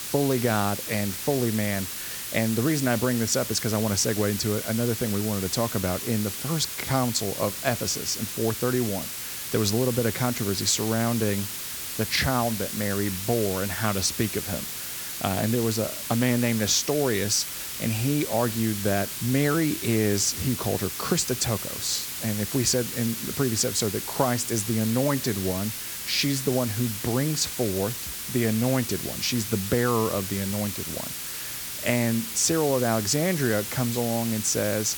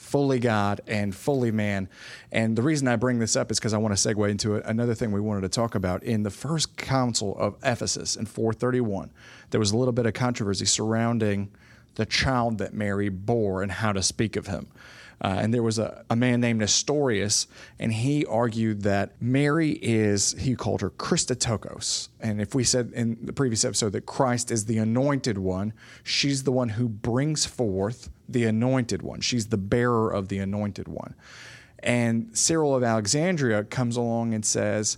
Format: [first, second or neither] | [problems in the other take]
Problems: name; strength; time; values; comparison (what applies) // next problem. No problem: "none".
second | hiss; loud; throughout; 5 dB below the speech